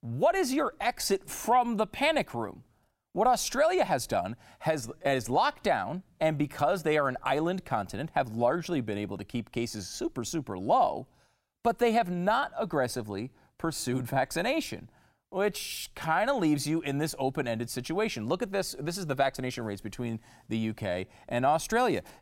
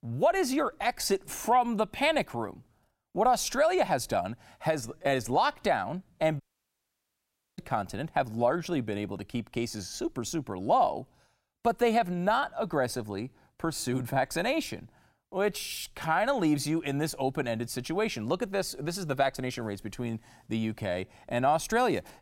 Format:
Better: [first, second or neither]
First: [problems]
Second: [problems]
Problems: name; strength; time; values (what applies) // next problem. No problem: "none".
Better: first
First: none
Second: audio cutting out; at 6.5 s for 1 s